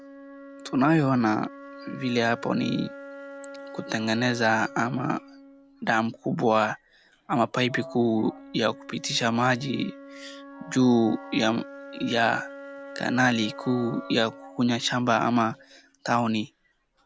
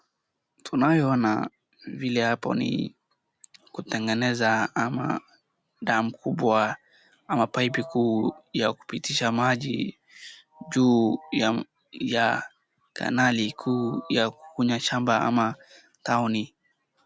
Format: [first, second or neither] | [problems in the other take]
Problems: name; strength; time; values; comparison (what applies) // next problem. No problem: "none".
second | background sound (Wind instrument, woodwind instrument); 18 dB below the speech